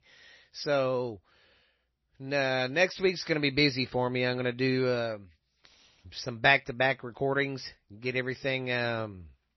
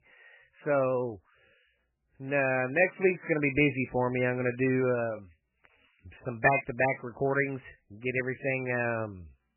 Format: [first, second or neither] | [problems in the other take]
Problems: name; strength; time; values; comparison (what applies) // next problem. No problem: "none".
first | garbled, watery; badly; nothing above 2.5 kHz; slightly in the first